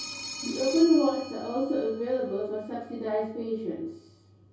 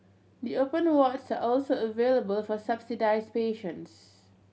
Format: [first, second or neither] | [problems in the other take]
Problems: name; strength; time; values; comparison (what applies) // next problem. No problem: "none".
second | background sound (Telephone); 15 dB below the speech // room echo; dies away in 0.6 s